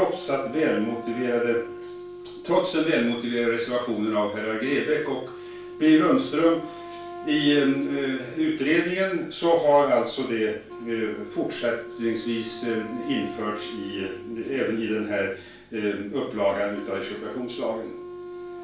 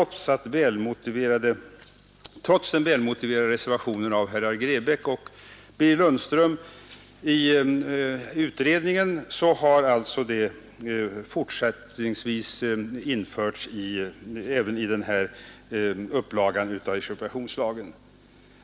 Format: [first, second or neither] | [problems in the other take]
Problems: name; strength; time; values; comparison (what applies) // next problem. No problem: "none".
second | background sound (Wind instrument, woodwind instrument); 14 dB below the speech // room echo; dies away in 0.4 s